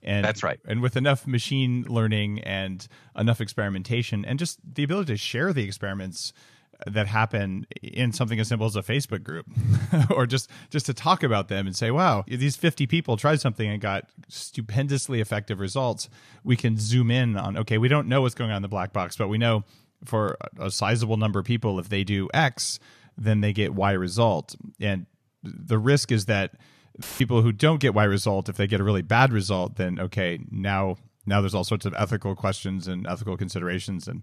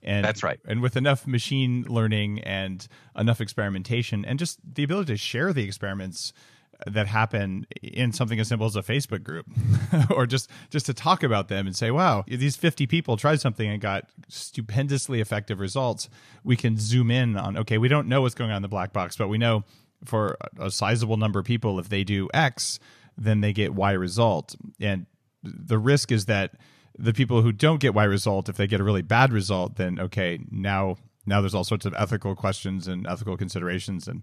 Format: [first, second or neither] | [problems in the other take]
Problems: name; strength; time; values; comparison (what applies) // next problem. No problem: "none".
second | audio cutting out; filled with static; at 27 s